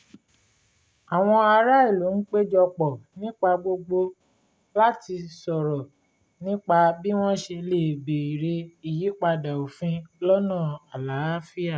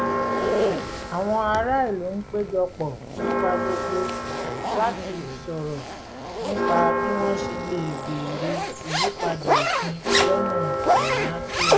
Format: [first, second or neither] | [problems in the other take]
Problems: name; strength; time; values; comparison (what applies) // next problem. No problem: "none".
first | background sound (Zipper (clothing) + Church bell); 3 dB above the speech